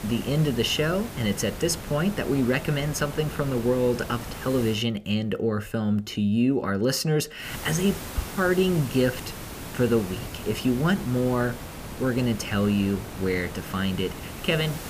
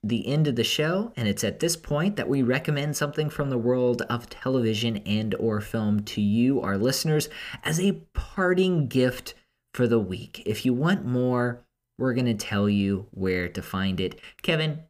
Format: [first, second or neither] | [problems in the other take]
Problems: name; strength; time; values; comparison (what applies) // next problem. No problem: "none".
second | hiss; noticeable; until 5 s and from 7.5 s on; 10 dB below the speech